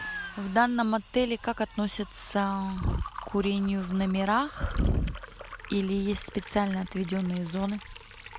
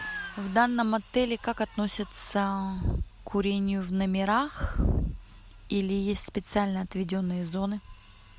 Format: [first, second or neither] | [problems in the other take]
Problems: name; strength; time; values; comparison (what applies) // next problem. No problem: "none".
second | background sound (Liquid); 19 dB below the speech